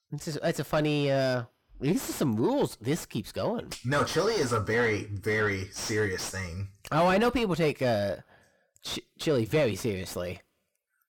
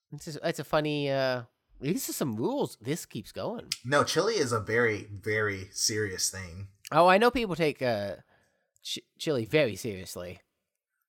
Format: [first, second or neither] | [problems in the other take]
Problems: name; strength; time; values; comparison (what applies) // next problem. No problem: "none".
second | distortion; heavy; 6 dB below the speech